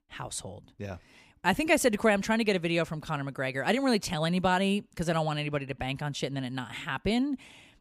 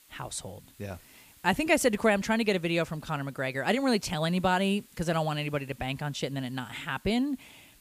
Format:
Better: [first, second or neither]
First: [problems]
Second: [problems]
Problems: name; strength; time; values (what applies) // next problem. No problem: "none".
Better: first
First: none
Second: hiss; faint; throughout; 25 dB below the speech